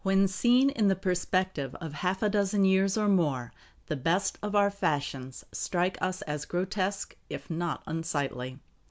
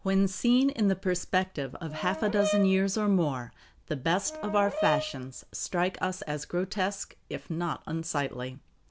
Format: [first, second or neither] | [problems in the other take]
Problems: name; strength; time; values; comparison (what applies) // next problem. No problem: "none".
first | background sound (Brass instrument); 6 dB below the speech